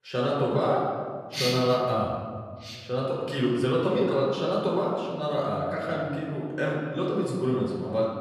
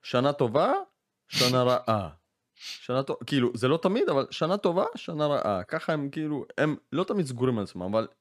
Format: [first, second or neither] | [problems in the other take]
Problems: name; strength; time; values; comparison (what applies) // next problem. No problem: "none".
second | off-mic speech; far // room echo; noticeable; dies away in 1.6 s